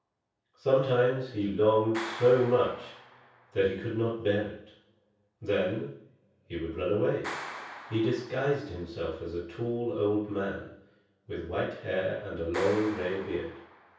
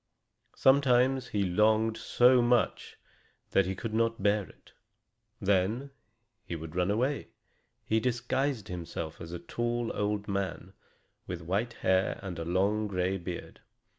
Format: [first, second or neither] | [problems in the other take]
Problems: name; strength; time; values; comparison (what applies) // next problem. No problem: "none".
second | background sound (Clapping); 17 dB below the speech // room echo; dies away in 0.6 s